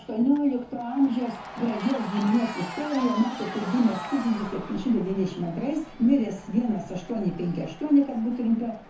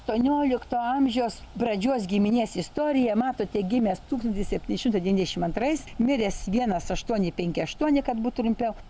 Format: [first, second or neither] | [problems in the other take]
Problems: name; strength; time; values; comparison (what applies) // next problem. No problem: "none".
second | background sound (Crowd / Cheering); 14 dB below the speech // room echo; dies away in 0.6 s